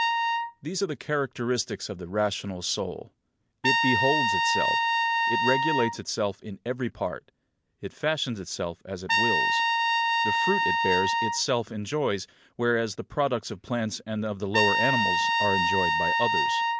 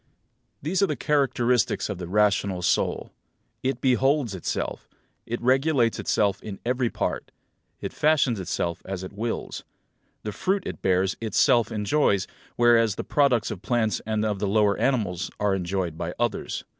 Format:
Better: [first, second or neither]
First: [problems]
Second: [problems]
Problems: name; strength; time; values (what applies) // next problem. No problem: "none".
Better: second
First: background sound (Trumpet); 2 dB above the speech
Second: none